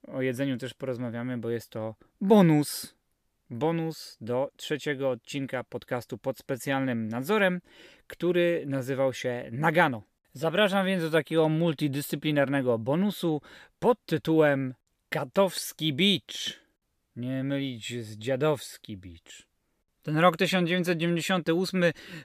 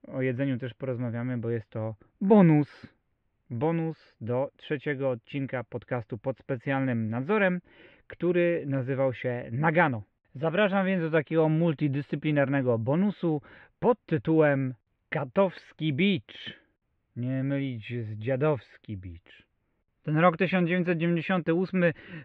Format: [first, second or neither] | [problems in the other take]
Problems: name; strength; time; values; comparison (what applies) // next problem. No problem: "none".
first | muffled; very; fading above 2.5 kHz